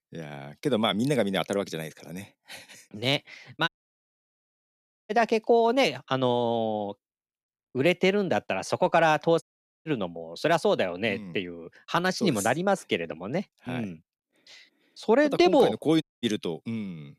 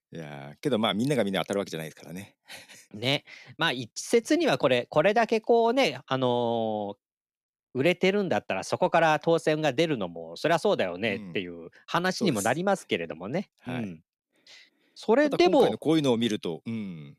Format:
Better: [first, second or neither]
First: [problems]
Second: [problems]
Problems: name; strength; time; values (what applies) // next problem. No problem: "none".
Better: second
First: audio cutting out; at 3.5 s for 1.5 s, at 9.5 s and at 16 s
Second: none